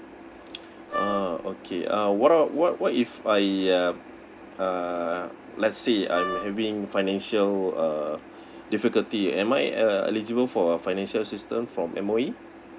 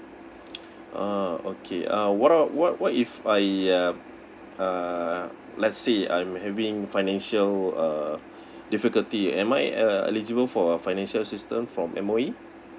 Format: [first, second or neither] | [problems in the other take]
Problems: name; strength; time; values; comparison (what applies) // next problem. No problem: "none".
second | background sound (Wind instrument, woodwind instrument); 7 dB below the speech